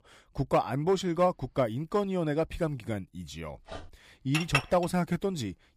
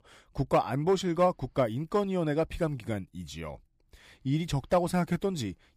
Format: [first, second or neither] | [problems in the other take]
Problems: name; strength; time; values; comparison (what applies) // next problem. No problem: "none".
second | dog barking; faint; at 3.5 s; peak 15 dB below the speech // clattering dishes; loud; at 4.5 s; peak 1 dB above the speech